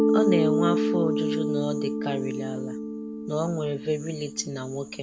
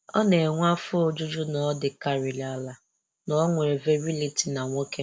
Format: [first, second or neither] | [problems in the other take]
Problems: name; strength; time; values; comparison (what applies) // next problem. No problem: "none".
second | background sound (Mallet percussion); 3 dB above the speech